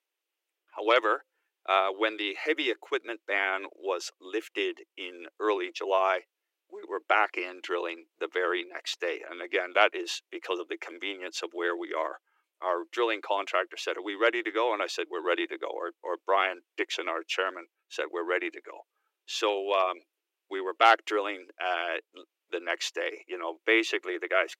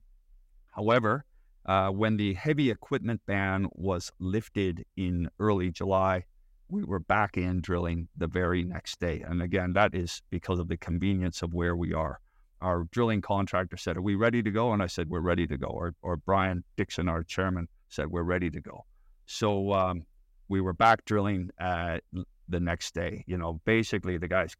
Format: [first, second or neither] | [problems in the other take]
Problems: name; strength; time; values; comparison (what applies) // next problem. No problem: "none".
second | thin; very; fading below 350 Hz